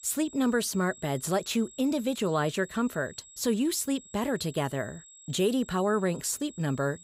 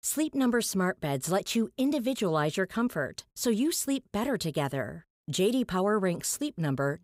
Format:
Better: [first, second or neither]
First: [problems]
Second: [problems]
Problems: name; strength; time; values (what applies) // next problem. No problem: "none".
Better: second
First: high-pitched whine; noticeable; throughout; 7.5 kHz, 20 dB below the speech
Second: none